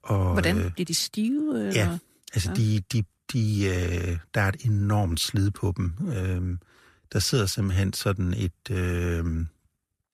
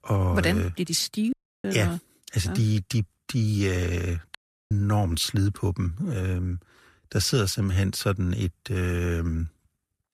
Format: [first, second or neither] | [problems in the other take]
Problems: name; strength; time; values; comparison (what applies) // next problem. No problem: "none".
first | audio cutting out; at 1.5 s and at 4.5 s